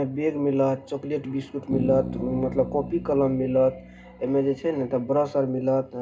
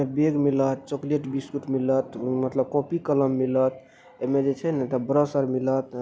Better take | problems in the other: second | background sound (Bass guitar); 10 dB below the speech // room echo; dies away in 0.2 s

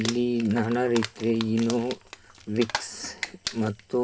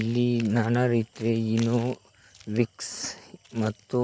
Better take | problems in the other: second | background sound (Crumpling, crinkling); 11 dB below the speech // room echo; dies away in 0.3 s

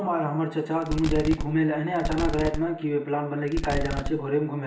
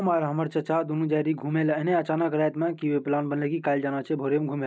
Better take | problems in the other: second | background sound (Fireworks); 5 dB below the speech // room echo; dies away in 0.8 s

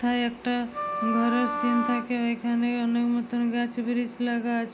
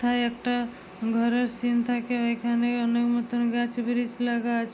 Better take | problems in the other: second | background sound (Wind instrument, woodwind instrument); 4 dB below the speech

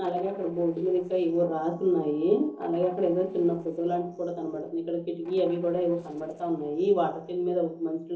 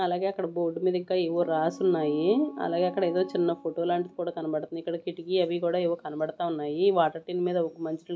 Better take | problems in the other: second | noise reduction (neural separator model SepFormer DNS4)

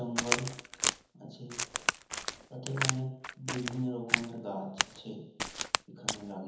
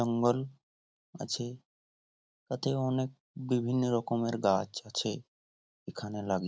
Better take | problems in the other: second | background sound (Crack); 4 dB above the speech // room echo; dies away in 1.3 s

